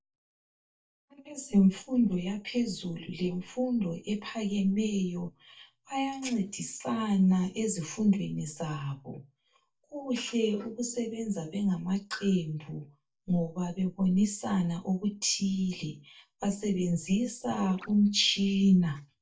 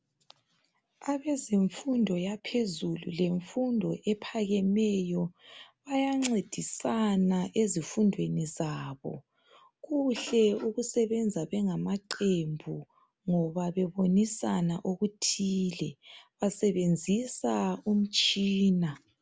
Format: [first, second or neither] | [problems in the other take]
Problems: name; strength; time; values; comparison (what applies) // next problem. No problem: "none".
second | noise reduction (neural mask model DeepFilterNet 3)